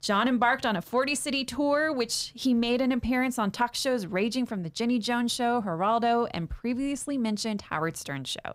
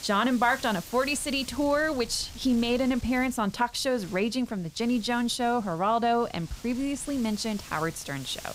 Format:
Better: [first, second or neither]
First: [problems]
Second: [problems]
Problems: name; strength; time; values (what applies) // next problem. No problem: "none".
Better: first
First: none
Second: wind noise on the microphone; occasional gusts; 20 dB below the speech